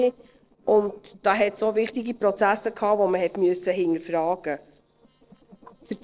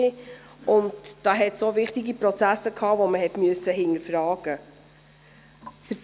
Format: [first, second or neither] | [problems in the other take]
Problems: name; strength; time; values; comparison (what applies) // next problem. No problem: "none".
second | noise reduction (neural separator model SepFormer DNS4)